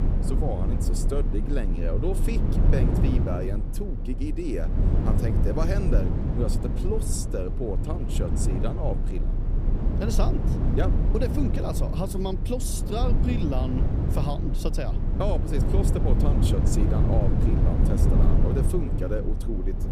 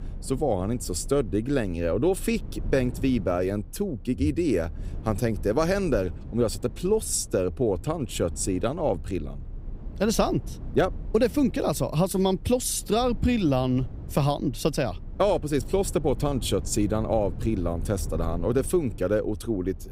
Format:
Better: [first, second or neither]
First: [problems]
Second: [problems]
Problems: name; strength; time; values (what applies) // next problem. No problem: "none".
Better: second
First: low rumble; loud; throughout; 3 dB below the speech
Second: low rumble; faint; throughout; 25 dB below the speech